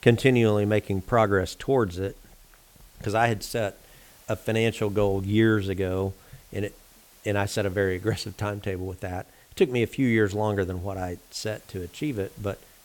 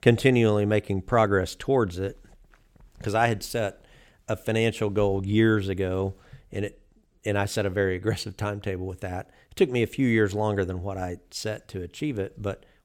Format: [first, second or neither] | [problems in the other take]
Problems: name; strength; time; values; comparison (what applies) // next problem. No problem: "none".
second | hiss; faint; throughout; 25 dB below the speech